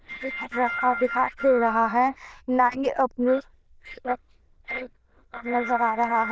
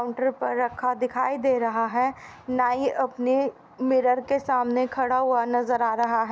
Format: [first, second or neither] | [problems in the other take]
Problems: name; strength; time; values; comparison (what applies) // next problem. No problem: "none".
second | noise reduction (neural diffusion model UNIVERSE++)